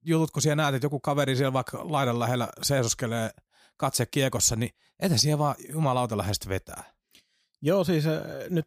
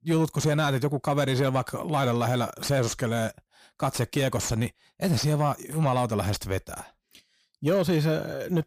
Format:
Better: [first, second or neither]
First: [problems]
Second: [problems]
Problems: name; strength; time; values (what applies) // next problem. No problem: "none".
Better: first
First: none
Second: distortion; slight; 10 dB below the speech